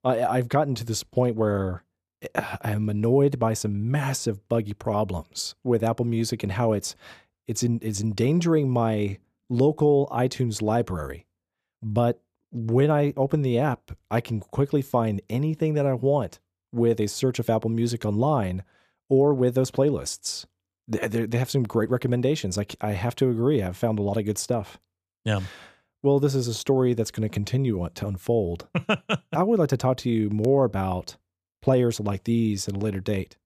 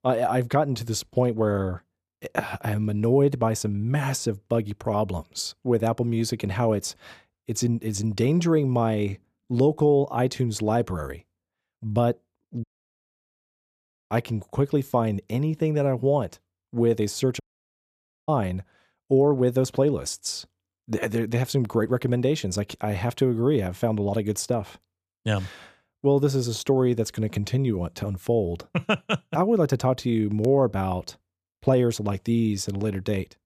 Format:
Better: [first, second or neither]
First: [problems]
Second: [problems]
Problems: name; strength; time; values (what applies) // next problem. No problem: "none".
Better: first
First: none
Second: audio cutting out; at 13 s for 1.5 s and at 17 s for 1 s